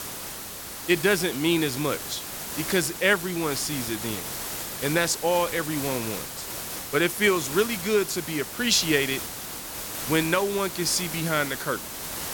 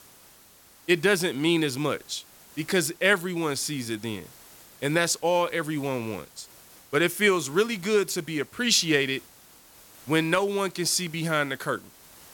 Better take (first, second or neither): second